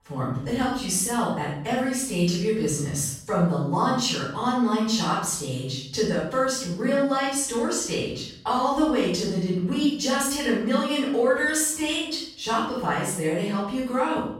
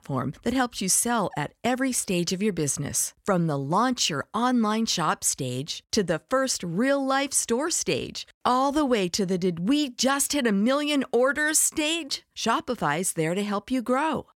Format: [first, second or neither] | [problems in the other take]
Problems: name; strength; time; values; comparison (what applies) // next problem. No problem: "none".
second | off-mic speech; far // room echo; noticeable; dies away in 0.6 s